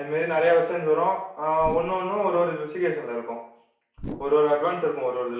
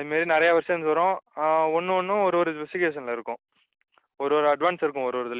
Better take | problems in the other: second | background sound (Whoosh, swoosh, swish); 10 dB below the speech // room echo; dies away in 0.6 s

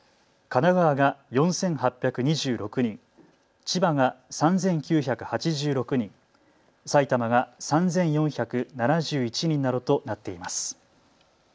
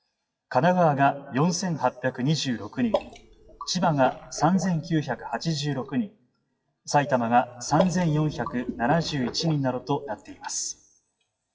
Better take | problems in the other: first | noise reduction (classical method WPE with log-MMSE)

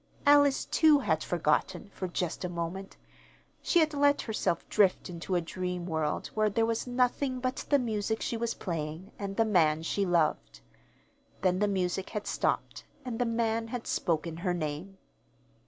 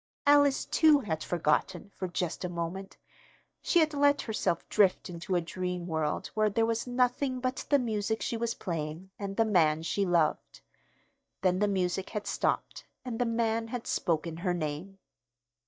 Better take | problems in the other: first | noise reduction (neural mask model DeepFilterNet 3)

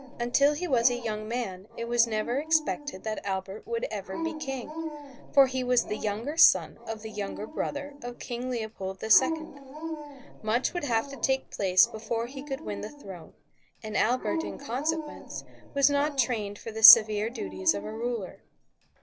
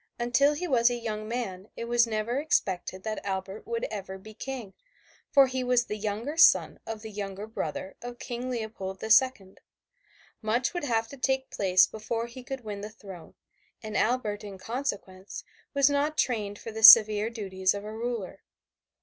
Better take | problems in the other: second | background sound (Dog); 11 dB below the speech

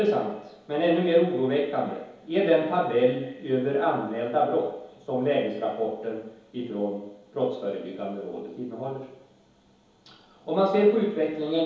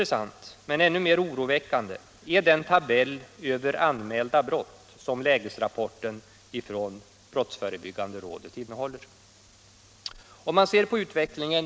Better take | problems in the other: second | room echo; dies away in 2.2 s

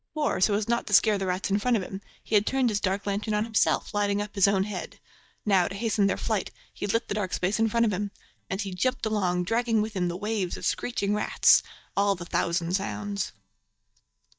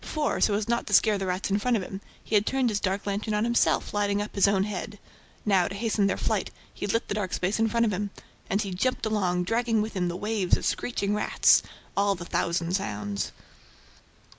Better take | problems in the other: second | noise reduction (neural mask model DeepFilterNet 3)

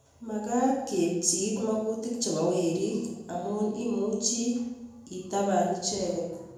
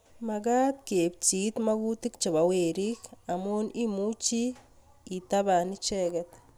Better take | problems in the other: second | room echo; dies away in 0.9 s

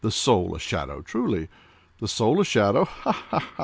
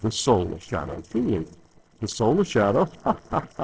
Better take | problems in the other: first | noise reduction (neural separator model SepFormer DNS4)

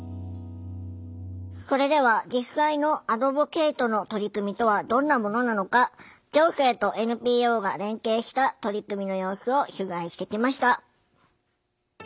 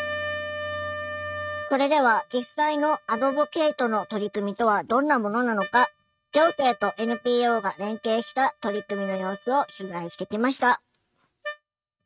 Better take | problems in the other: first | noise reduction (neural mask model RNNoise)

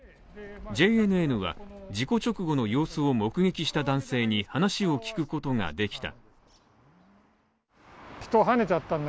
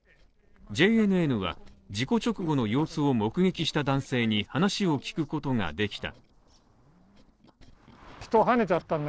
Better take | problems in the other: first | noise reduction (neural separator model SepFormer DNS4)

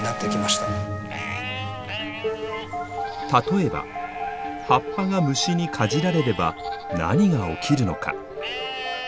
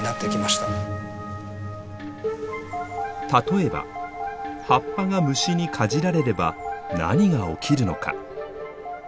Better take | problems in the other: second | background sound (Livestock, farm animals, working animals); 12 dB below the speech

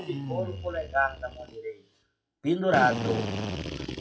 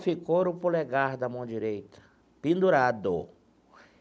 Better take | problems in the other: second | noise reduction (classical method WPE with log-MMSE)

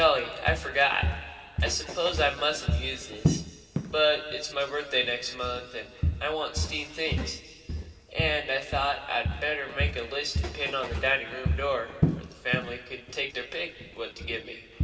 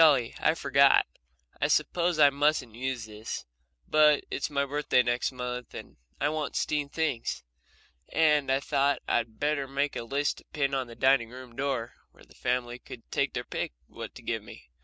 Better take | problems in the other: second | background sound (Walk, footsteps); 3 dB below the speech // room echo; dies away in 2.3 s

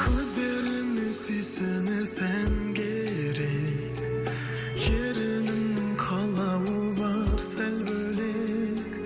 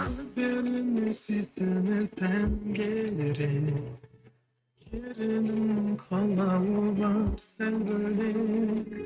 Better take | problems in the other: first | noise reduction (neural mask model RNNoise)

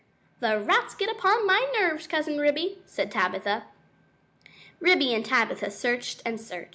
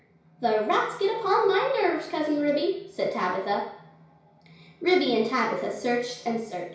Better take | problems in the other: first | room echo; dies away in 0.6 s

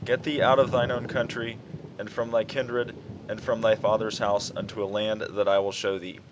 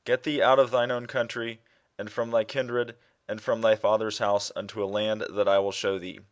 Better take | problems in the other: second | background sound (Thunder / Rain); 12 dB below the speech

